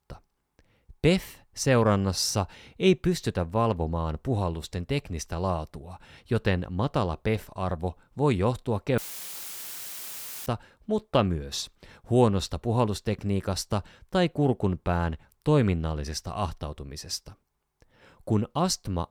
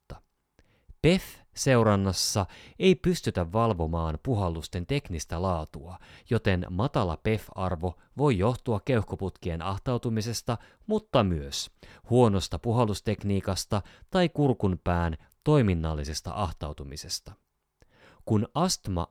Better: second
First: audio cutting out; filled with static; at 9 s for 1.5 s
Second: none

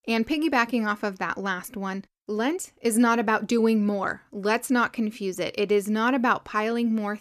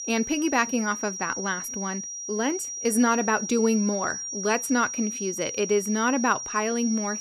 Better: first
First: none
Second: high-pitched whine; loud; throughout; 5.5 kHz, 6 dB below the speech

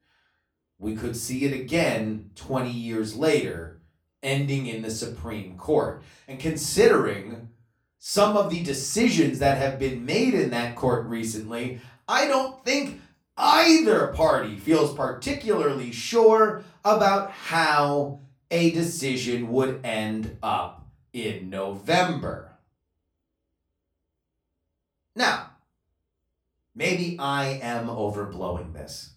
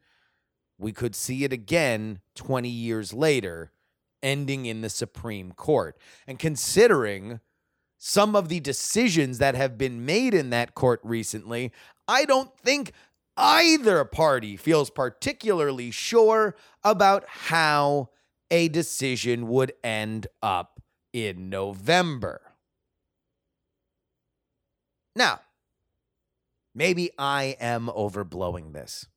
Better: second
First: off-mic speech; far // room echo; slight; dies away in 0.3 s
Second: none

